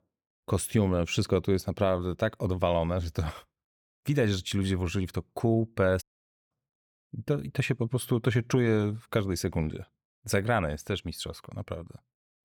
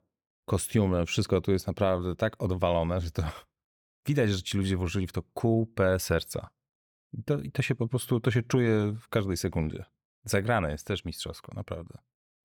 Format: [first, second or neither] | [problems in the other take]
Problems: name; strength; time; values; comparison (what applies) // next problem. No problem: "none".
second | audio cutting out; at 6 s